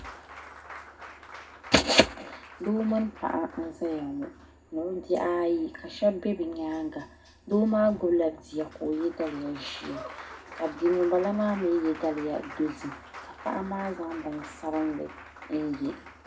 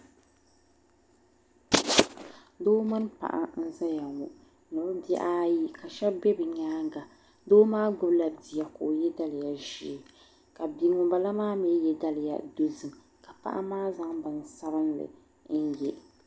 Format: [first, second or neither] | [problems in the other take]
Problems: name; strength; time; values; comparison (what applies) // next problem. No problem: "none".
second | background sound (Applause); 17 dB below the speech // room echo; dies away in 0.3 s